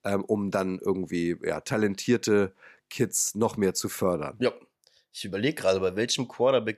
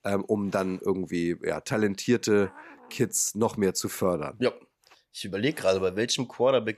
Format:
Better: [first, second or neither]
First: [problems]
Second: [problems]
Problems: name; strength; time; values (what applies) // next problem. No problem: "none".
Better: first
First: none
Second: hiss; faint; throughout; 25 dB below the speech